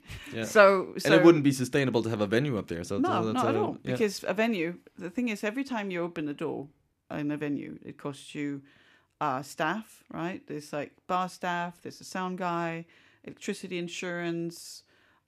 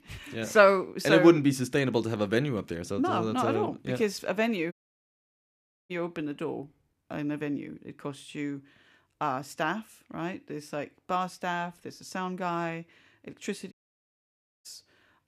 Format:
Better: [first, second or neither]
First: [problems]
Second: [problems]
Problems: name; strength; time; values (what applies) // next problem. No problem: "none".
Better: first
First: none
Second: audio cutting out; at 4.5 s for 1 s and at 14 s for 1 s